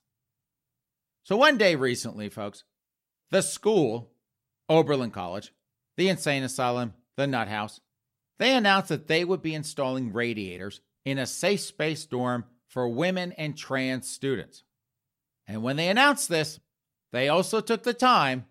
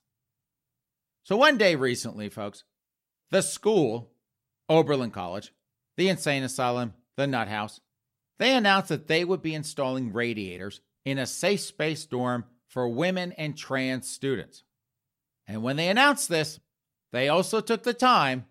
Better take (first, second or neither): neither